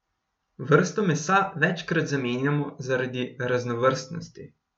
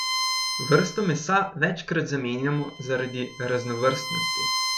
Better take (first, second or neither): first